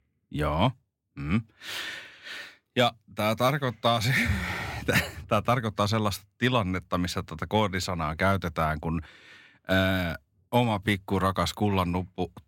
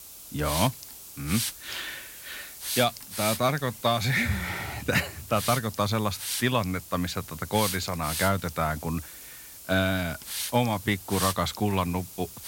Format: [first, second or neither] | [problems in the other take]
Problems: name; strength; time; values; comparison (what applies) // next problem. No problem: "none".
first | hiss; loud; throughout; 7 dB below the speech